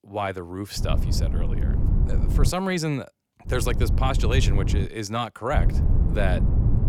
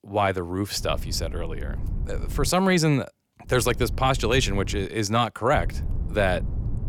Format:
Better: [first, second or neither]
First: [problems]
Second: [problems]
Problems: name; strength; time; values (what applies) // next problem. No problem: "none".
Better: second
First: wind noise on the microphone; heavy; from 1 to 2.5 s, from 3.5 to 5 s and from 5.5 s on; 9 dB below the speech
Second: wind noise on the microphone; occasional gusts; from 1 to 2.5 s, from 3.5 to 5 s and from 5.5 s on; 20 dB below the speech